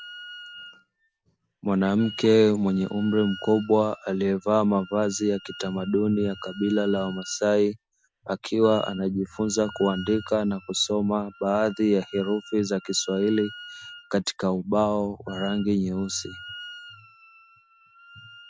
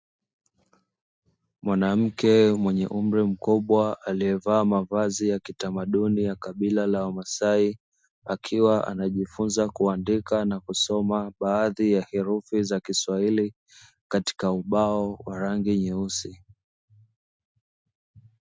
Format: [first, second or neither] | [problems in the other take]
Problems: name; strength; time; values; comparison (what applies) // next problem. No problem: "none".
second | background sound (Wind instrument, woodwind instrument); 19 dB below the speech